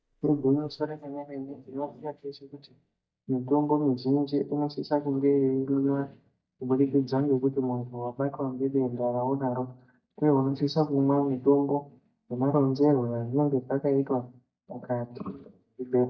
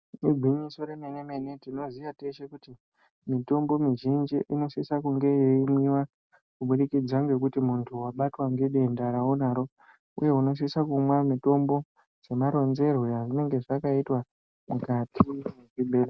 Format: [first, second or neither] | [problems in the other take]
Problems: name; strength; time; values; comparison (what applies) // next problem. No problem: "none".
second | noise reduction (neural mask model DeepFilterNet 3)